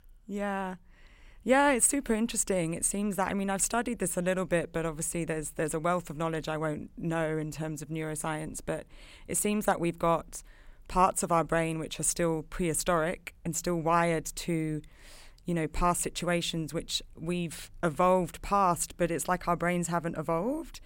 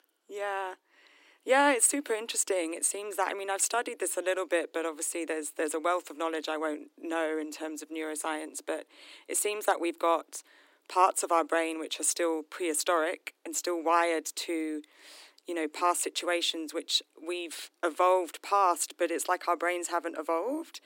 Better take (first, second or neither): first